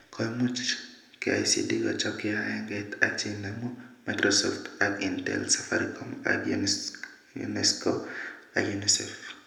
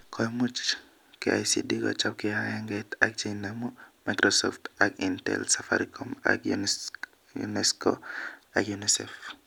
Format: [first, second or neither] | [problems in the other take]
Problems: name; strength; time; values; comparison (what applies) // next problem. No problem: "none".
second | room echo; dies away in 0.7 s